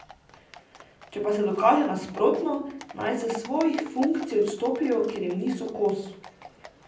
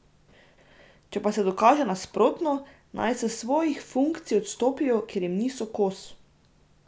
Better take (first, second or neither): second